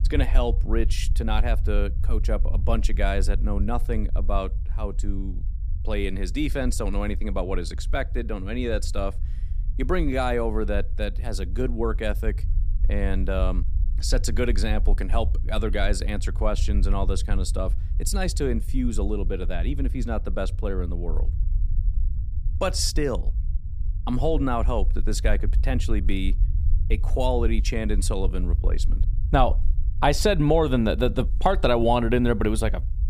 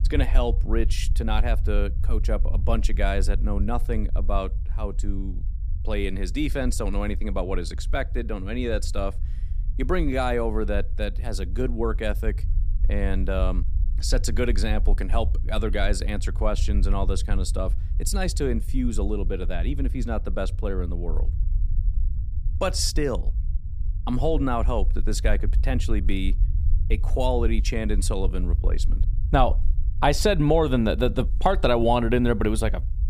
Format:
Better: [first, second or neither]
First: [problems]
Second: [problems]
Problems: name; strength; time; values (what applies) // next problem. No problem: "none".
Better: neither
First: low rumble; faint; throughout; 20 dB below the speech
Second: low rumble; faint; throughout; 20 dB below the speech